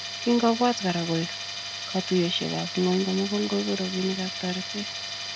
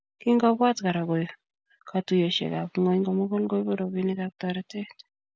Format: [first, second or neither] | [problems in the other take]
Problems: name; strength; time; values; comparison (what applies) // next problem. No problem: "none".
second | background sound (Tools); 7 dB below the speech